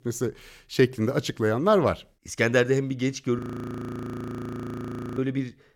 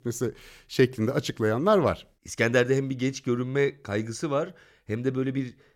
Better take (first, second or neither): second